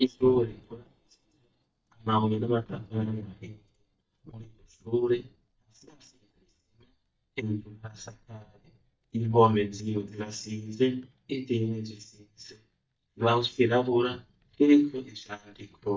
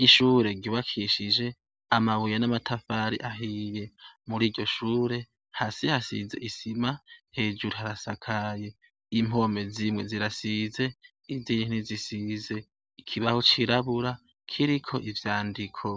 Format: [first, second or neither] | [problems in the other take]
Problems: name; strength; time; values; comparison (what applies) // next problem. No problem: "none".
second | noise reduction (neural mask model DeepFilterNet 3)